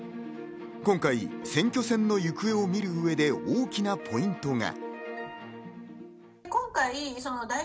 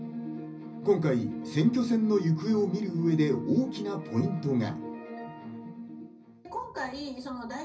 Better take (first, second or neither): first